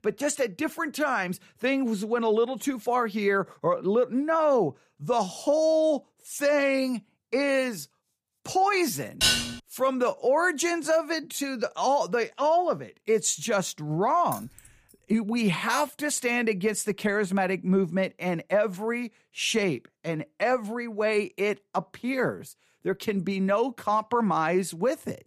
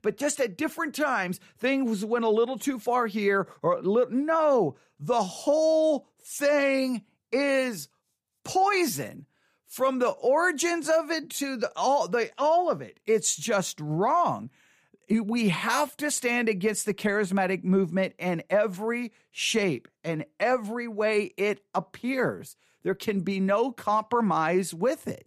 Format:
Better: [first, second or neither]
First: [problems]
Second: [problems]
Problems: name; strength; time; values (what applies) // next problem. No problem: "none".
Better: second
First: clattering dishes; loud; at 9 s; peak 5 dB above the speech // jangling keys; faint; at 14 s; peak 15 dB below the speech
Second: none